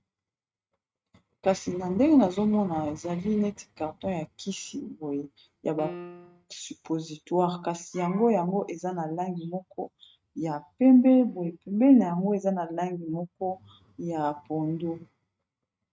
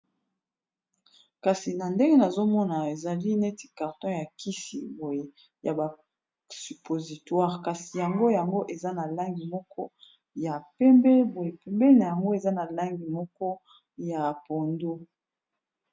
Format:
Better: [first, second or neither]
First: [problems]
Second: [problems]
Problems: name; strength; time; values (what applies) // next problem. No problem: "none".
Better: second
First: noise reduction (neural mask model RNNoise)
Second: none